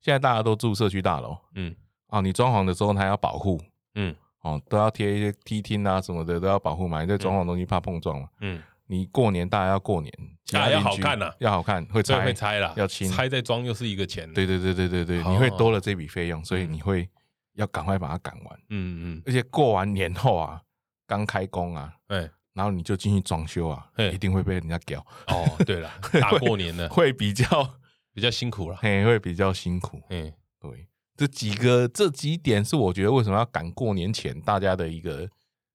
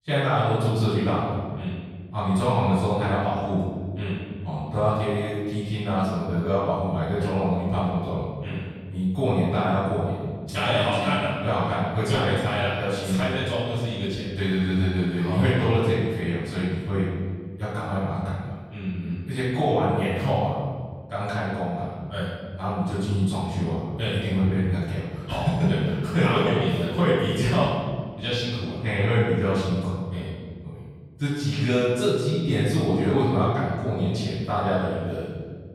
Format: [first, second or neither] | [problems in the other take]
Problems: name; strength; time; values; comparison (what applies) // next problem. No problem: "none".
first | off-mic speech; far // room echo; strong; dies away in 1.6 s